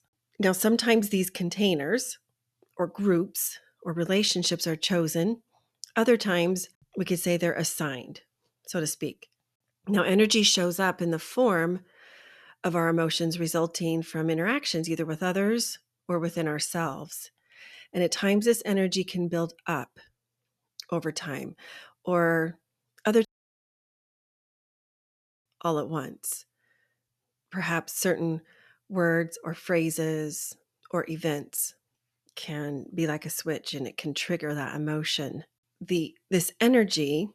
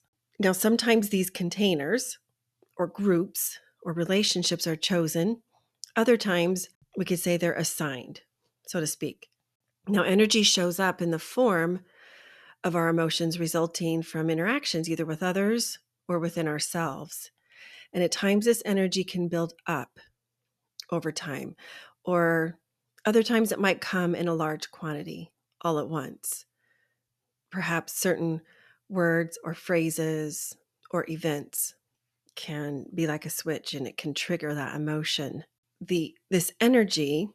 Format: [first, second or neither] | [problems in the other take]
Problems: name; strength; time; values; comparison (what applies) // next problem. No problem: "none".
second | audio cutting out; at 23 s for 2 s